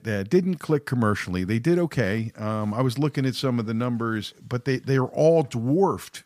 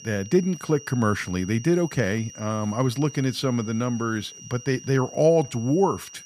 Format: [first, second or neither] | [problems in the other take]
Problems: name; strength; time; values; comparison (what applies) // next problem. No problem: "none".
first | high-pitched whine; noticeable; throughout; 6 kHz, 15 dB below the speech